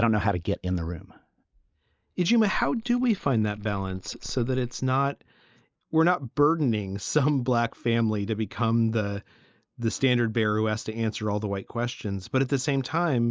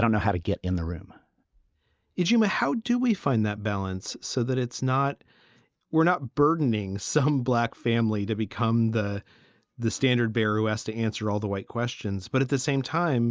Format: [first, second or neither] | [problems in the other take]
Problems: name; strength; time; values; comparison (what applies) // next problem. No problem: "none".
second | noise reduction (neural mask model Resemble Enhance denoiser)